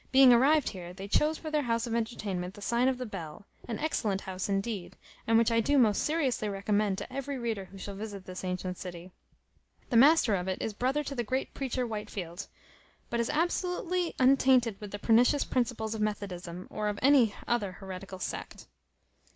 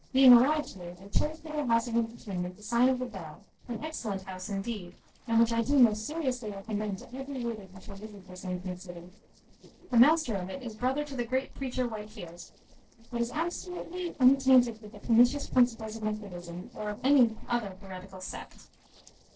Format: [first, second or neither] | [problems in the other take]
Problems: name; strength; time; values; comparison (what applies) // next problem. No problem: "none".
first | noise reduction (neural separator model SepFormer DNS4)